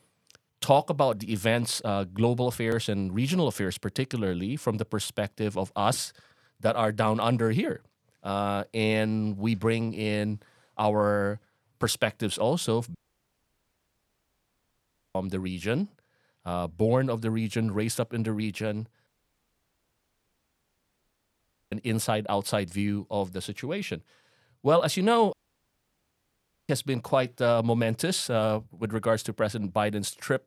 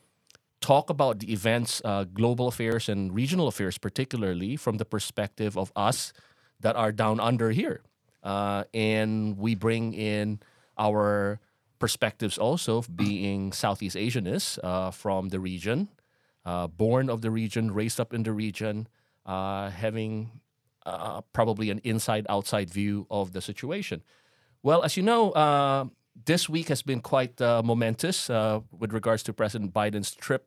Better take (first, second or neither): second